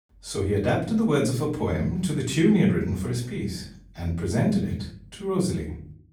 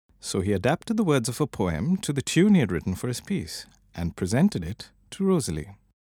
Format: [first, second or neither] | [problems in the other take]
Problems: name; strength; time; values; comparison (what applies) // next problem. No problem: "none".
second | room echo; slight; dies away in 0.5 s // off-mic speech; far